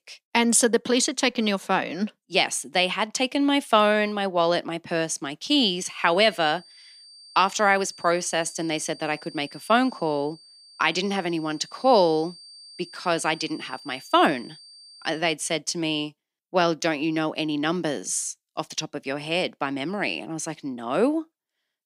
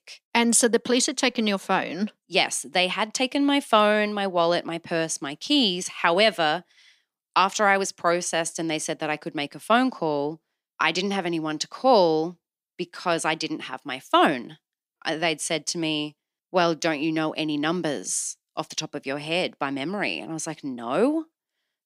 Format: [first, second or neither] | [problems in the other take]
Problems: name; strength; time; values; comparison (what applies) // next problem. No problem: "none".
second | high-pitched whine; faint; from 5.5 to 15 s; 4.5 kHz, 20 dB below the speech